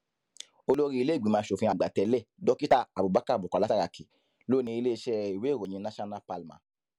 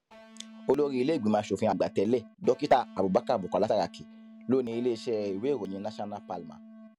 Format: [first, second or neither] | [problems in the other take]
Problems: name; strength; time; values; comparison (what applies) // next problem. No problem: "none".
first | background sound (Electric guitar); 19 dB below the speech